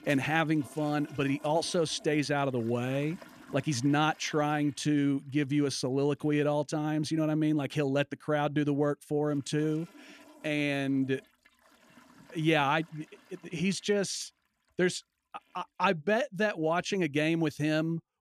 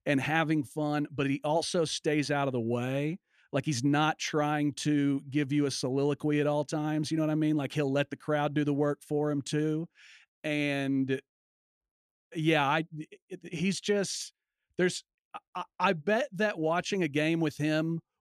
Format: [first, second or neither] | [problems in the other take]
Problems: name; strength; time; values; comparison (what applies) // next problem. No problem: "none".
second | household noises; faint; throughout; 25 dB below the speech